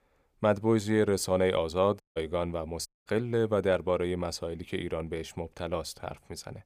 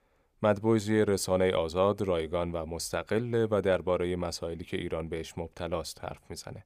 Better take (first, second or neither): second